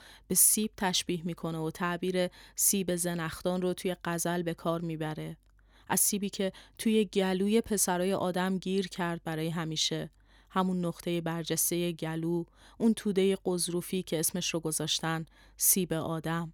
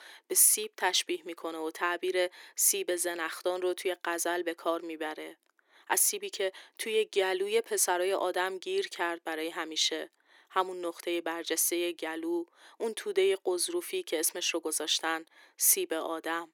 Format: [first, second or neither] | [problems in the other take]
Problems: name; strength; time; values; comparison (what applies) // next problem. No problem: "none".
first | thin; very; fading below 350 Hz